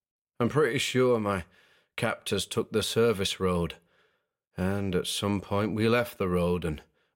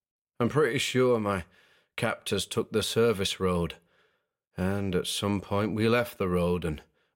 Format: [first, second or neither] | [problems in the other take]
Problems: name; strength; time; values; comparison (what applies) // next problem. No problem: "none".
neither | none